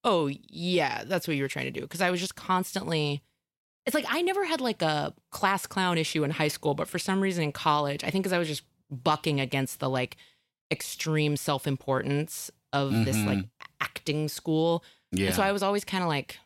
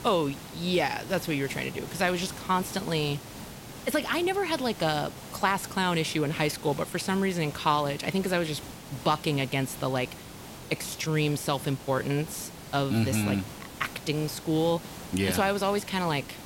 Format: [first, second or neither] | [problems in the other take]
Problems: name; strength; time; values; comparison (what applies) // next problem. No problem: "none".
first | hiss; noticeable; throughout; 15 dB below the speech